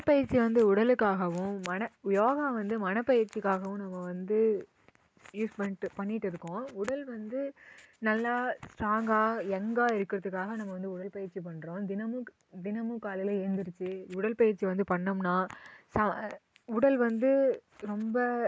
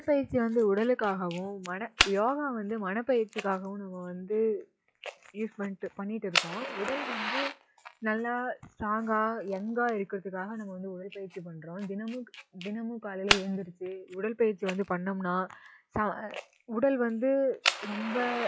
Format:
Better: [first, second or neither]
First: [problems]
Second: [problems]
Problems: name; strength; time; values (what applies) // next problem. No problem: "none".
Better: first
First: none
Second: noise reduction (classical method log-MMSE)